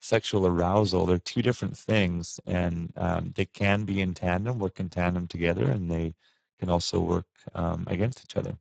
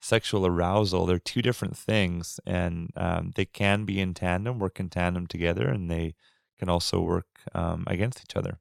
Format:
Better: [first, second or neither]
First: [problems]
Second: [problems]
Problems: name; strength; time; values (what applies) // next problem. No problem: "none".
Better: second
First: garbled, watery; badly; nothing above 7.5 kHz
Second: none